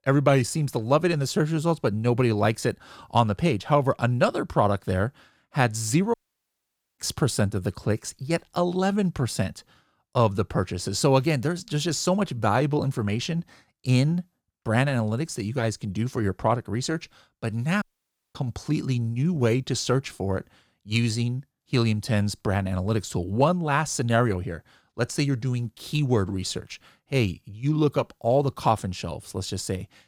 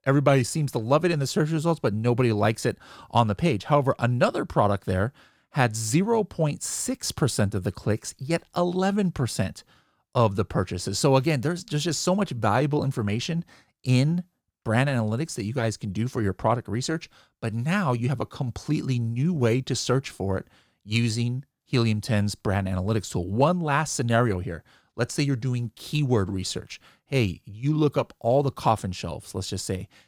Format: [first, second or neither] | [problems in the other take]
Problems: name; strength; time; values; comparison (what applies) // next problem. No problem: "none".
second | audio cutting out; at 6 s for 1 s and at 18 s for 0.5 s